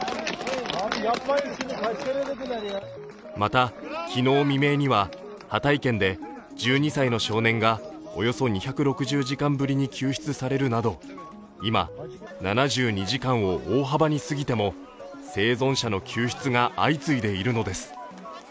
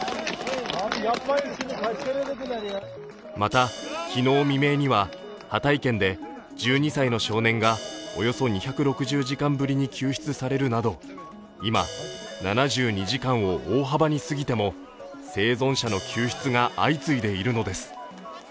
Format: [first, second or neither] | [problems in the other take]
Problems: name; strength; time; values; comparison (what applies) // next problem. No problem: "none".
first | background sound (Crash cymbal); 19 dB below the speech